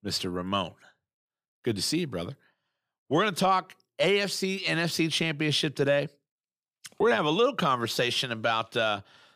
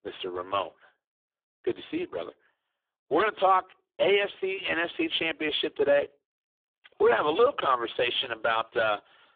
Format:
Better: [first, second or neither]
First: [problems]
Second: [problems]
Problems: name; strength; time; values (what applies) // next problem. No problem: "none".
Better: first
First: none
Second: phone-call audio; poor line; nothing above 3.5 kHz